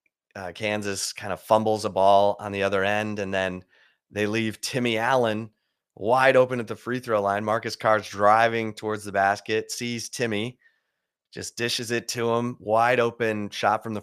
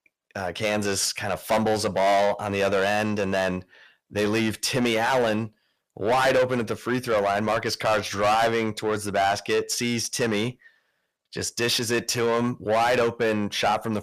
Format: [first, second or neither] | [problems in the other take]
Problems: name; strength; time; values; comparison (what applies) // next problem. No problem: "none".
first | distortion; heavy; 6 dB below the speech